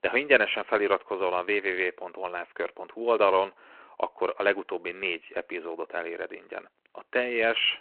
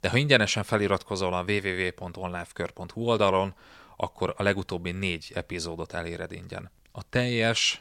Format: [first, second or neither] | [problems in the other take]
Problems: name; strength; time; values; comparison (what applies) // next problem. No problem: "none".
second | phone-call audio